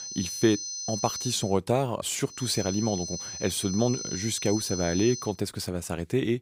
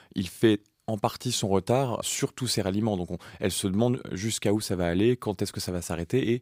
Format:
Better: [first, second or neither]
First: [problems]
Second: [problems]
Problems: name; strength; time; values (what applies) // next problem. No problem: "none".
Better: second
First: high-pitched whine; loud; until 1.5 s and from 2.5 to 5.5 s; 6 kHz, 5 dB below the speech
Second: none